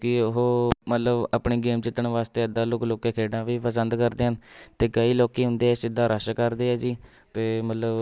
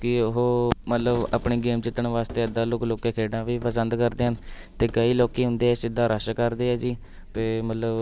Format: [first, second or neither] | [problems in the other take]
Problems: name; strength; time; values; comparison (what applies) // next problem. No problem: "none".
first | background sound (Coin (dropping)); 15 dB below the speech